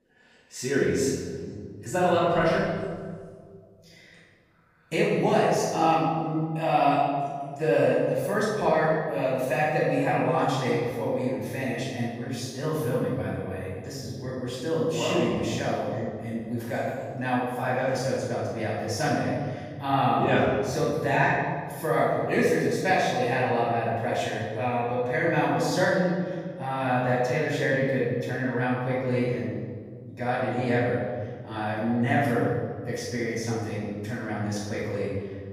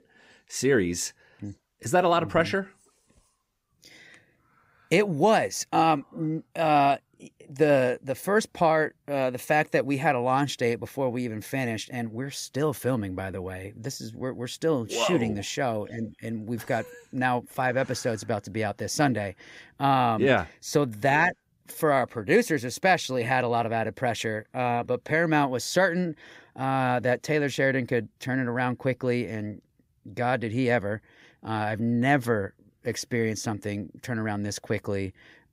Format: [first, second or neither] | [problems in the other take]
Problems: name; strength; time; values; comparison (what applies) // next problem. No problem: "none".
second | room echo; strong; dies away in 1.7 s // off-mic speech; far